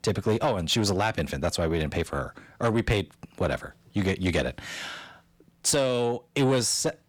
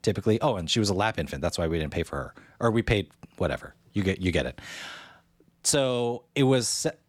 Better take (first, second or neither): second